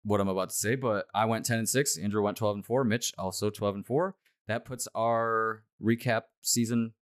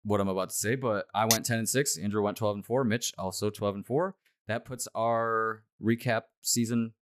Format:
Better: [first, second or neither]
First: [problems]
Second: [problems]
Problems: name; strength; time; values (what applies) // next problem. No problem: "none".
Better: first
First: none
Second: clattering dishes; loud; at 1.5 s; peak 2 dB above the speech